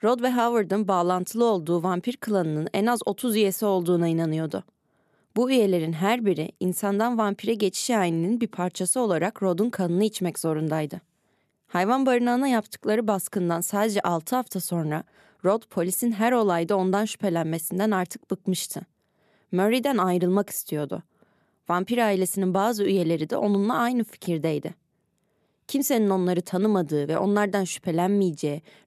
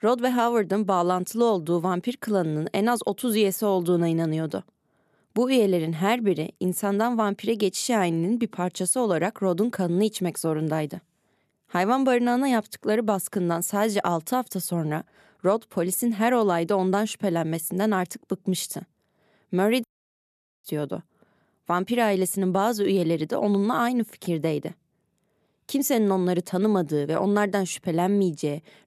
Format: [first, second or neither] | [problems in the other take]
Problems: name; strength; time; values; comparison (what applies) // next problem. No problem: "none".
first | audio cutting out; at 20 s for 1 s